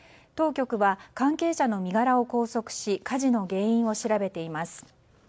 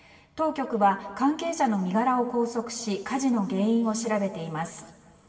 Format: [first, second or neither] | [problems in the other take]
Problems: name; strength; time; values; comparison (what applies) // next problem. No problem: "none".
first | room echo; dies away in 2 s